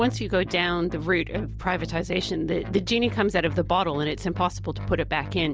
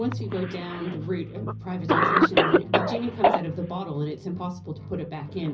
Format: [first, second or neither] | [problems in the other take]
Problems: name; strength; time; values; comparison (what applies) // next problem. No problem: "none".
first | background sound (Cough); 3 dB above the speech // room echo; dies away in 0.5 s